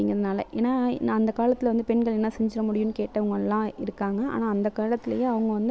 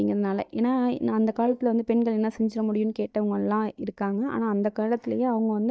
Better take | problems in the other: first | noise reduction (neural mask model DeepFilterNet 3)

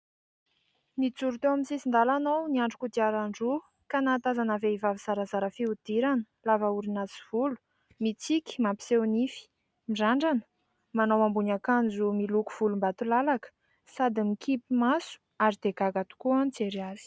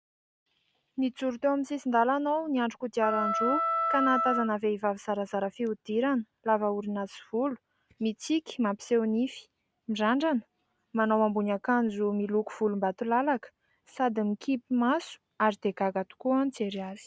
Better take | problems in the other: first | background sound (Wind instrument, woodwind instrument); 1 dB below the speech

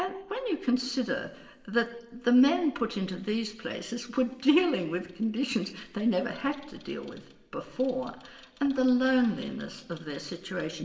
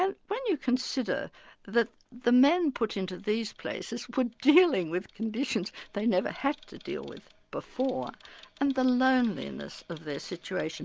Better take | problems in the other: second | room echo; dies away in 1.9 s

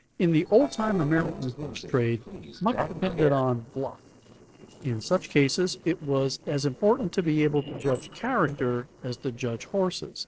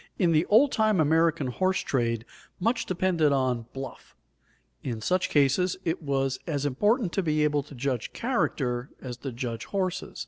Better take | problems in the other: second | noise reduction (neural separator model SepFormer DNS4)

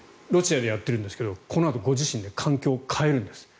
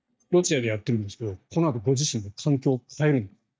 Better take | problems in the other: first | noise reduction (neural mask model DeepFilterNet 3)

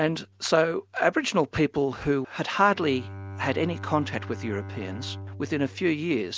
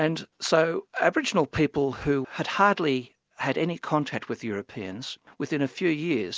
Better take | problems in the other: second | background sound (Bowed string instrument); 14 dB below the speech

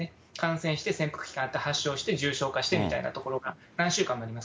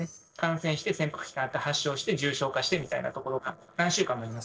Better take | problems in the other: first | noise reduction (neural separator model SepFormer DNS4)

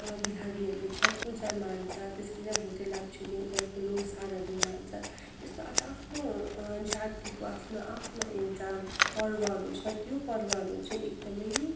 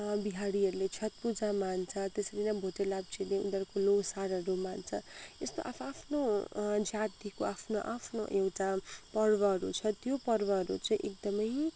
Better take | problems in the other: second | background sound (Scissors); 1 dB below the speech // room echo; dies away in 0.9 s

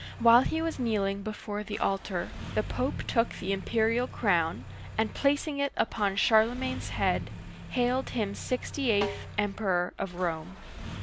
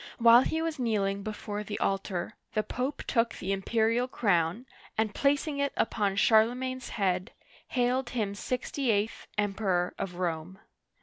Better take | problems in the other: second | background sound (Snare drum + Engine starting); 11 dB below the speech

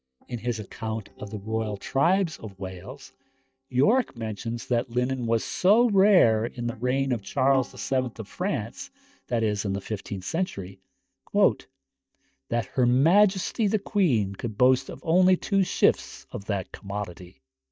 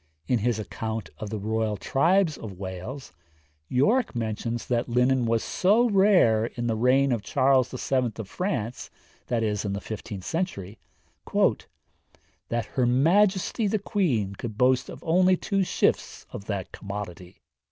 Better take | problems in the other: second | noise reduction (neural mask model DeepFilterNet 3)

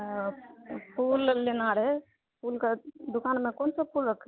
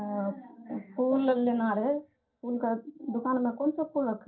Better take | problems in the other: first | room echo; dies away in 0.3 s

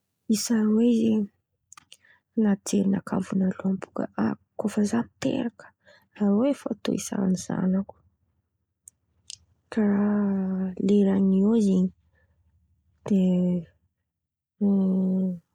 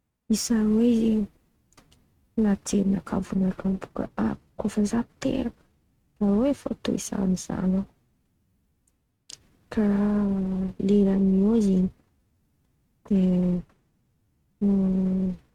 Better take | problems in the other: first | noise reduction (neural mask model RNNoise)

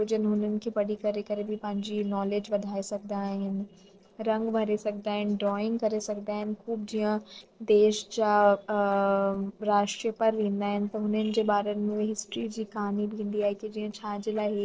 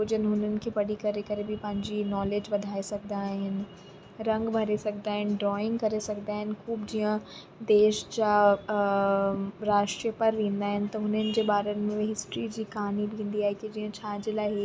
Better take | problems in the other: second | noise reduction (neural separator model SepFormer DNS4)

